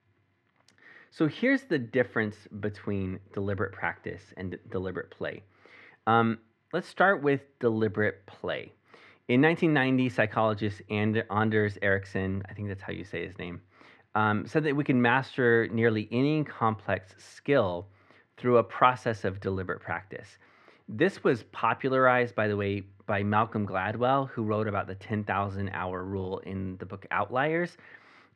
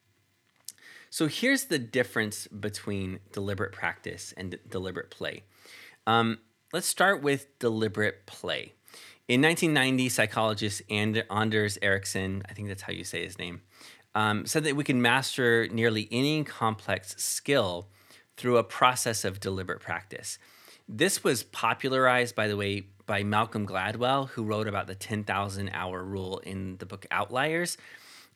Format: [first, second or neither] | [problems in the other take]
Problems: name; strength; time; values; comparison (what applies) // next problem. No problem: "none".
second | muffled; very; fading above 2 kHz